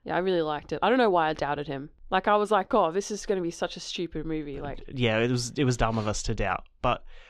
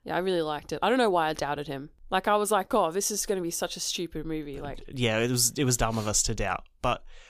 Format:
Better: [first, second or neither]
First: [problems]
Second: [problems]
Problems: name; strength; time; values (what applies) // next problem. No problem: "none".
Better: second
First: muffled; slightly; fading above 3.5 kHz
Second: none